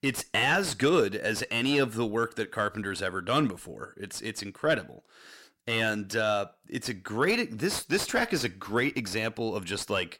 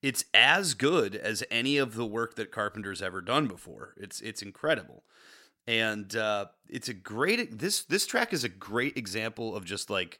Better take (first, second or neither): second